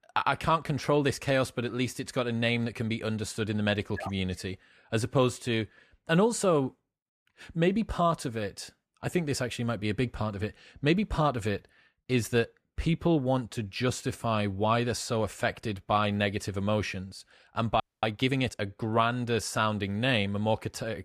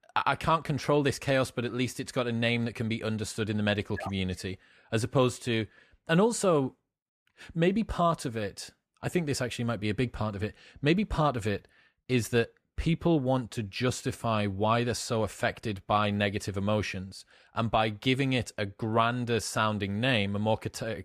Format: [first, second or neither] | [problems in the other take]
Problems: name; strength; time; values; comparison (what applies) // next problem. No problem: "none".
second | audio freezing; at 18 s